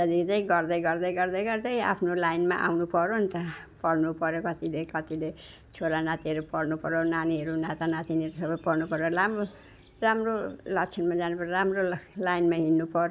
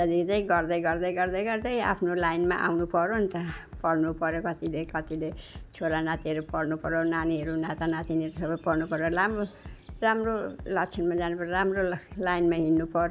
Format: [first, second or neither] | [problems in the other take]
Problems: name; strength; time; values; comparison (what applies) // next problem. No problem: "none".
first | background sound (Bass drum); 17 dB below the speech